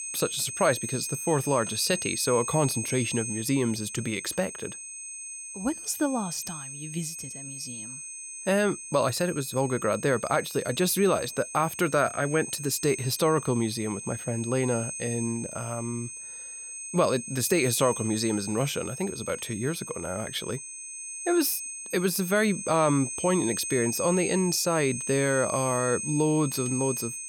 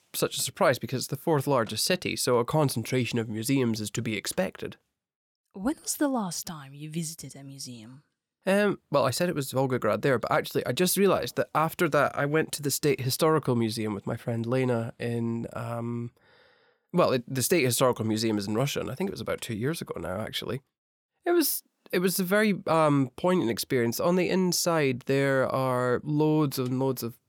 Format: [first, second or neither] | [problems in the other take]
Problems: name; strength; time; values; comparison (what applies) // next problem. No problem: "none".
second | high-pitched whine; loud; throughout; 8.5 kHz, 7 dB below the speech